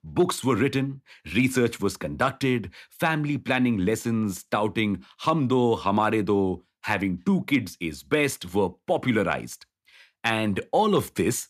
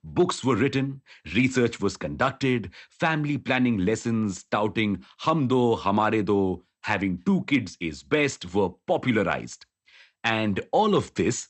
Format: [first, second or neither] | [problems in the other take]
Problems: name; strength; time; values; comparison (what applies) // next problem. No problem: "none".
first | garbled, watery; slightly; nothing above 8 kHz